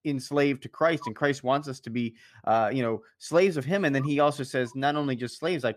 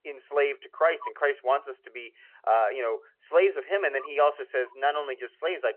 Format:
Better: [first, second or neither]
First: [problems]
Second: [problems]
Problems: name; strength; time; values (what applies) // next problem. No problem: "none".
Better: first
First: none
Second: phone-call audio